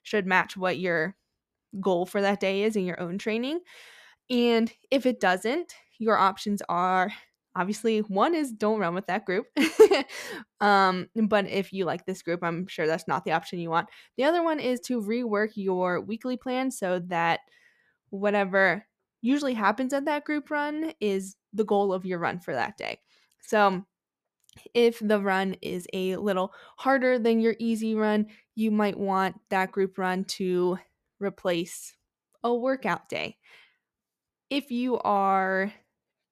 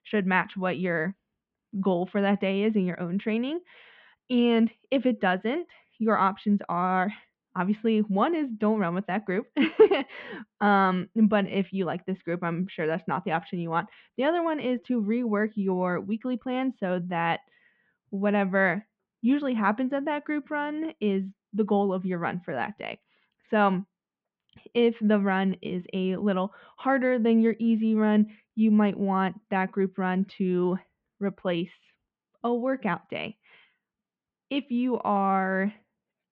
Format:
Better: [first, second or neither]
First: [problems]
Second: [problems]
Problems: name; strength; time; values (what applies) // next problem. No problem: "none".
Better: first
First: none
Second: muffled; very; fading above 3 kHz